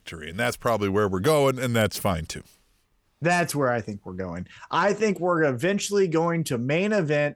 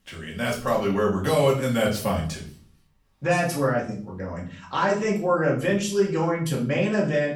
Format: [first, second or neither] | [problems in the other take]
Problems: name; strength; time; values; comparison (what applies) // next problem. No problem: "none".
first | off-mic speech; far // room echo; slight; dies away in 0.4 s